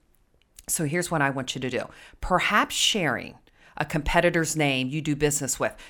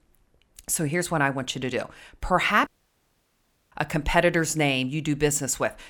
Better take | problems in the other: first | audio cutting out; at 2.5 s for 1 s

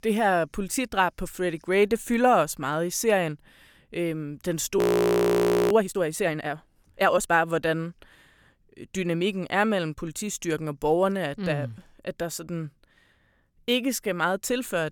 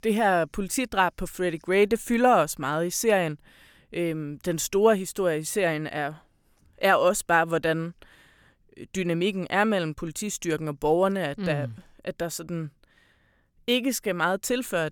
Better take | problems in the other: second | audio freezing; at 5 s for 1 s

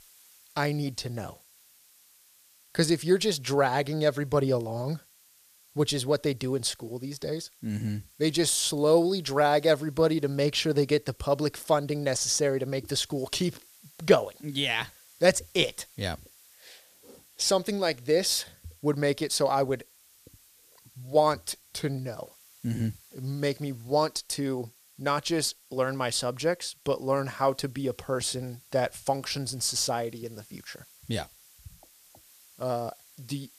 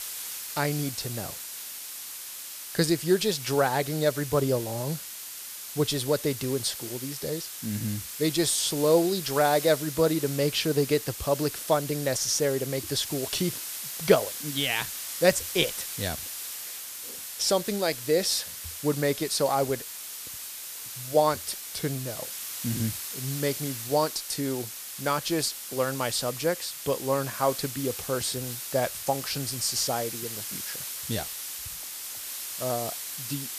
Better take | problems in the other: first | hiss; loud; throughout; 7 dB below the speech; faint in the first

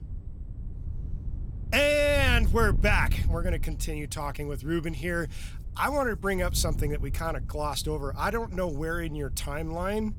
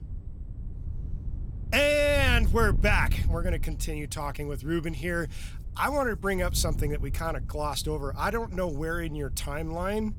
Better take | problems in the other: neither | wind noise on the microphone; occasional gusts; 20 dB below the speech; the same in both

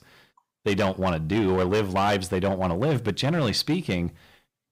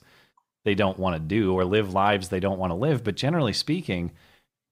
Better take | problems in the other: second | distortion; slight; 10% of the sound clipped

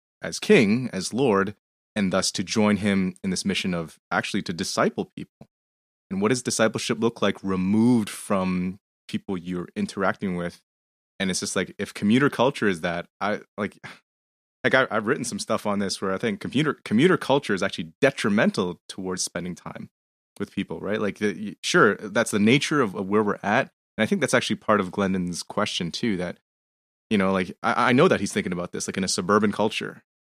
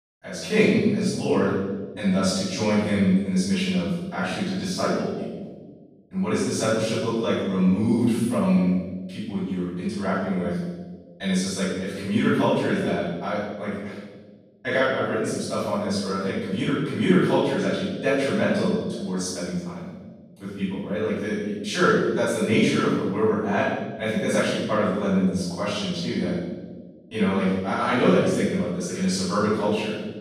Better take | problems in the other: first | off-mic speech; far // room echo; strong; dies away in 1.2 s

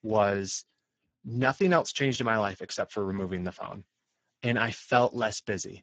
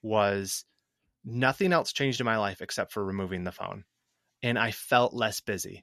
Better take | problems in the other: second | garbled, watery; badly

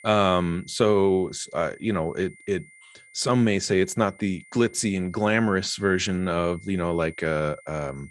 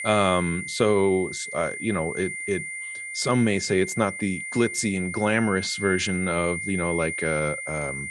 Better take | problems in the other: first | high-pitched whine; loud; throughout; 2 kHz, 6 dB below the speech; faint in the first

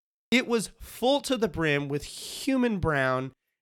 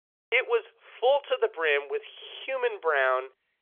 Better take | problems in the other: first | phone-call audio; nothing above 3.5 kHz

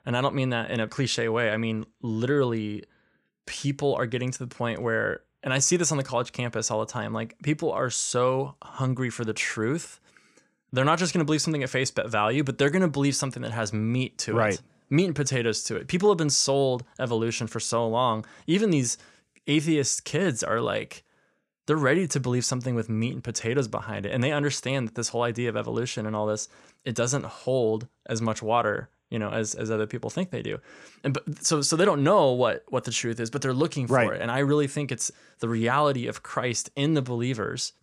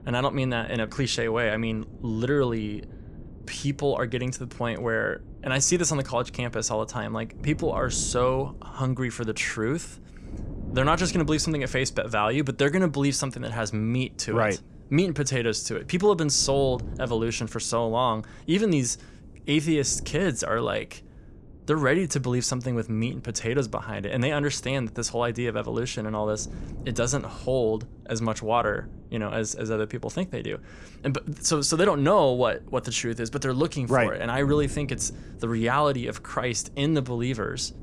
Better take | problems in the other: first | wind noise on the microphone; occasional gusts; 25 dB below the speech

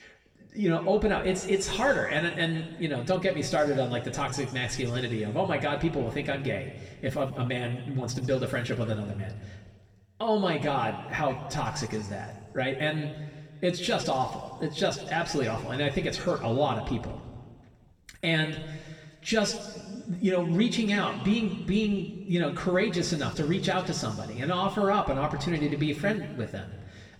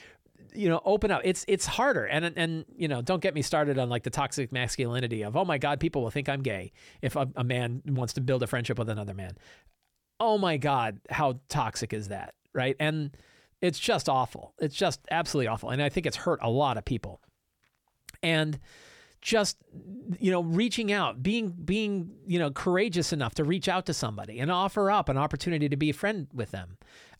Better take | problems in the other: second | room echo; slight; dies away in 1.7 s // off-mic speech; somewhat distant

